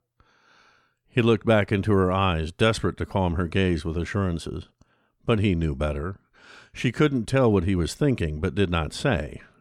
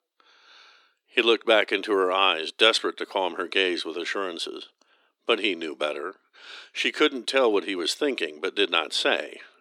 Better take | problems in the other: first | thin; very; fading below 300 Hz

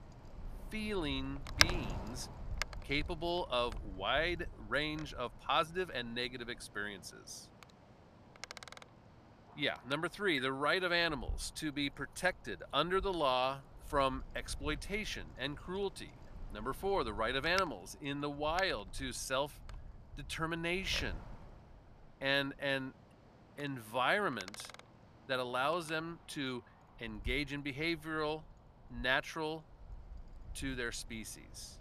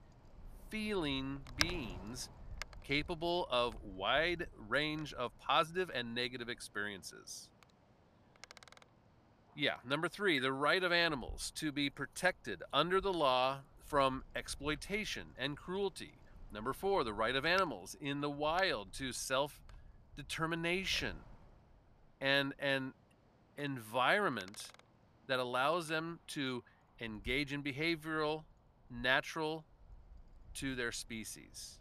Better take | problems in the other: second | wind noise on the microphone; heavy; 4 dB below the speech; occasional gusts in the second

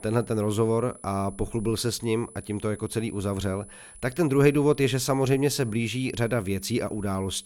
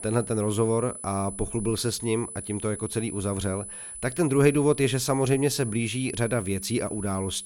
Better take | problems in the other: first | high-pitched whine; loud; throughout; 10 kHz, 10 dB below the speech; faint in the first

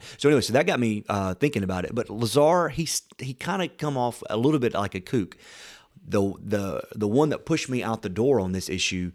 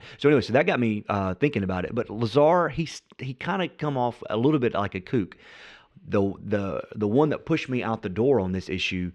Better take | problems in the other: first | muffled; slightly; fading above 2.5 kHz

